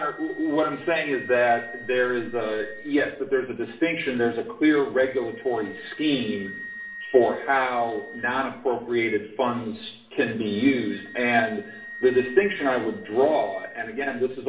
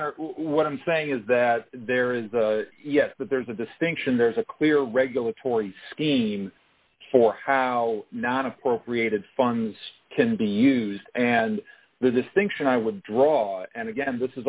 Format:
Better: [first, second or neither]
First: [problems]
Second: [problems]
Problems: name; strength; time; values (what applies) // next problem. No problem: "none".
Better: second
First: background sound (Wind instrument, woodwind instrument); 18 dB below the speech // room echo; dies away in 0.6 s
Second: none